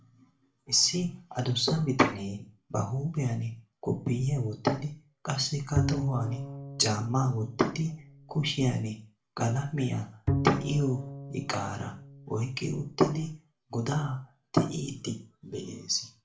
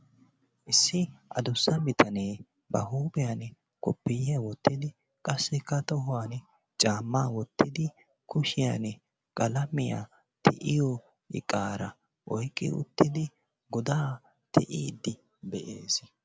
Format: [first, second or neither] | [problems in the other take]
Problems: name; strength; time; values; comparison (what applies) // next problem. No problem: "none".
second | background sound (Bowed string instrument); 5 dB below the speech // room echo; dies away in 0.3 s